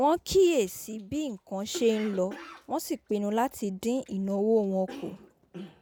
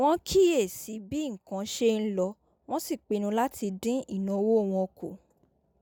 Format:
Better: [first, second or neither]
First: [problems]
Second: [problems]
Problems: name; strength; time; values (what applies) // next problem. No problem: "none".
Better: second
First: background sound (Cough); 19 dB below the speech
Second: none